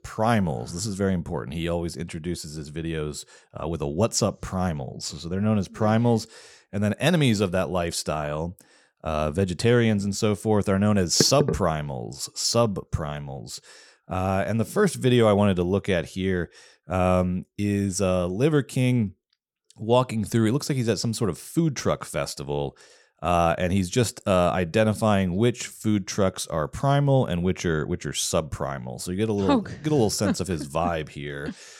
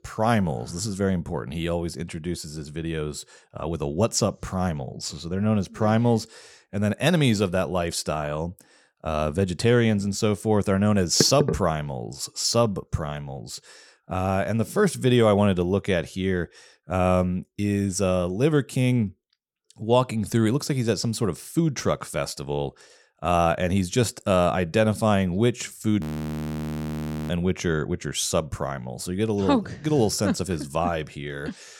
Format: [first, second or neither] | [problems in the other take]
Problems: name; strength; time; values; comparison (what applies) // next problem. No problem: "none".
first | audio freezing; at 26 s for 1.5 s